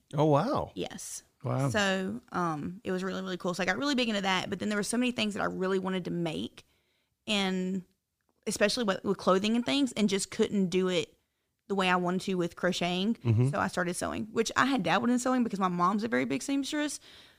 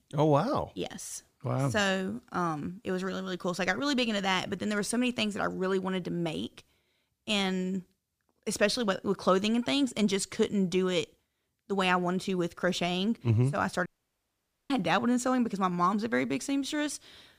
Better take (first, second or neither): first